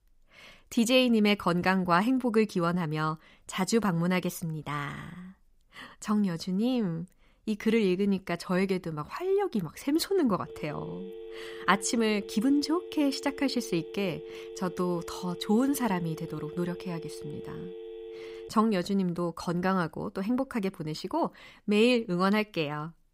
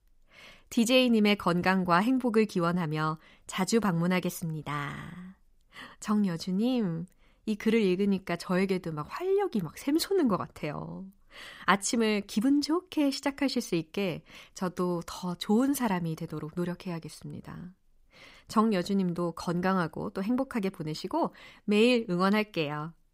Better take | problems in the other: second | phone ringing; faint; from 10 to 18 s; peak 15 dB below the speech

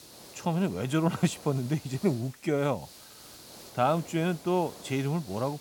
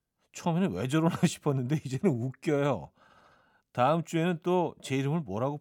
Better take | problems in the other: second | hiss; noticeable; throughout; 20 dB below the speech

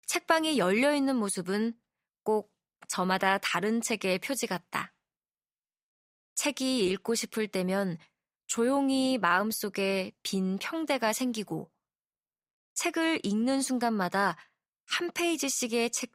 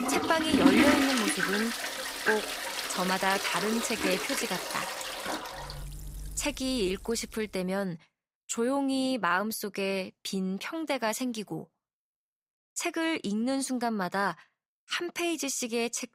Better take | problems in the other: first | household noises; very loud; until 7 s; 1 dB above the speech

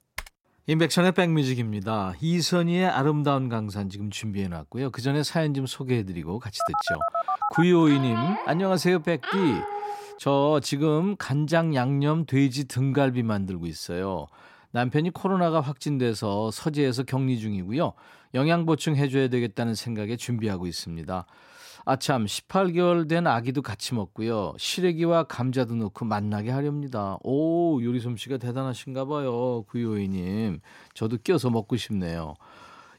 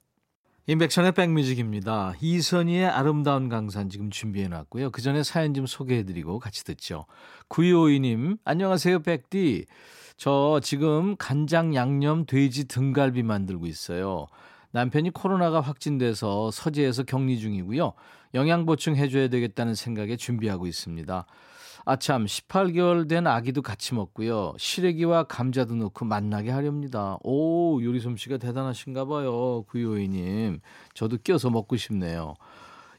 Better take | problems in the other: second | keyboard typing; faint; at the start; peak 15 dB below the speech // phone ringing; noticeable; from 6.5 to 10 s; peak 1 dB below the speech

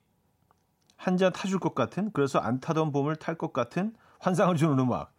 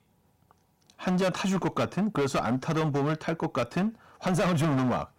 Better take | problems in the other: first | distortion; heavy; 17% of the sound clipped

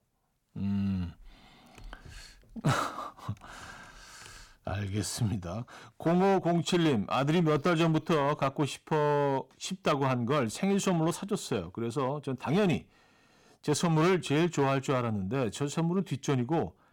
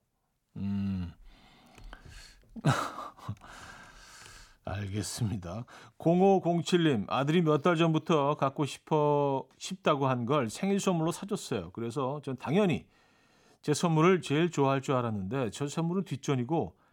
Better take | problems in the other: second | distortion; slight; 6% of the sound clipped

